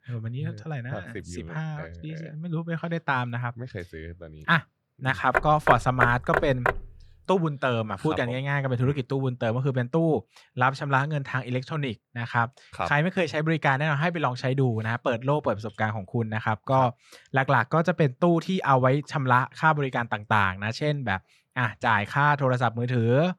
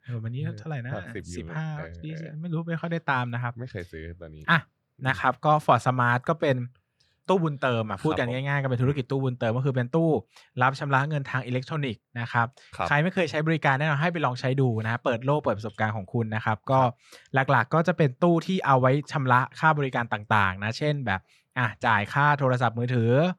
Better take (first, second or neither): second